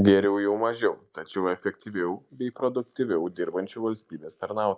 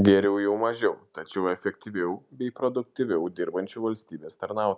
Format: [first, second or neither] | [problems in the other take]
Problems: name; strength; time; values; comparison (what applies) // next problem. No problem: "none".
second | noise reduction (neural mask model Resemble Enhance denoiser)